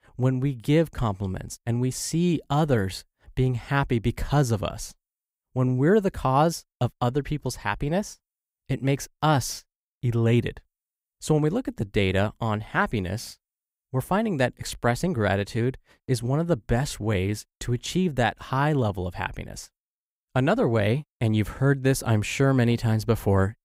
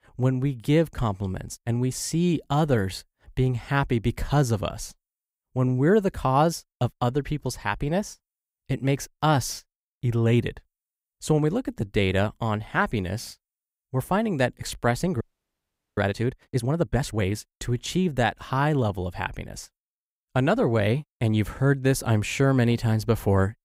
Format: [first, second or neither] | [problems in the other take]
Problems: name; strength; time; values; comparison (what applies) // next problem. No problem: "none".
first | audio freezing; at 15 s for 1 s